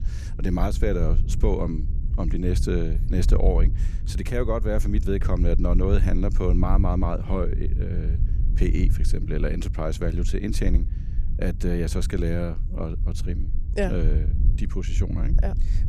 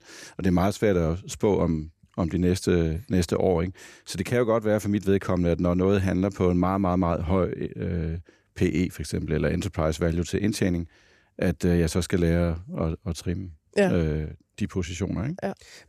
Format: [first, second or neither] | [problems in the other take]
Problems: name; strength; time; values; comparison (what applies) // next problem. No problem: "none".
second | low rumble; noticeable; throughout; 15 dB below the speech